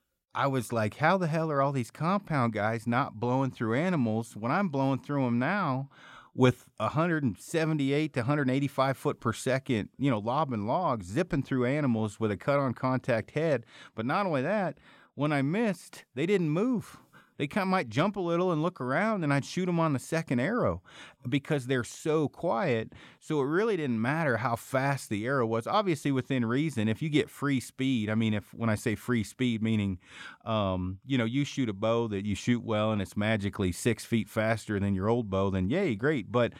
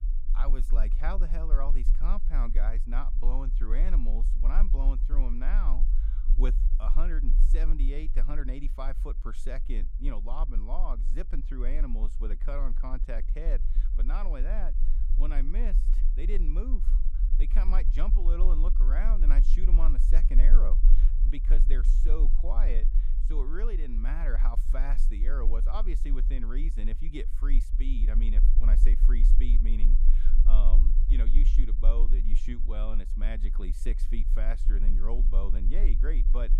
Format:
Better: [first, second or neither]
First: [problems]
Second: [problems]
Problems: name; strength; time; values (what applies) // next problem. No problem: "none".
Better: first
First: none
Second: low rumble; noticeable; throughout; 10 dB below the speech